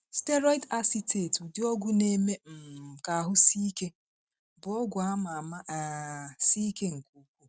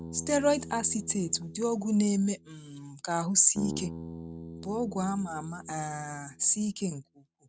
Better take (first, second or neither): first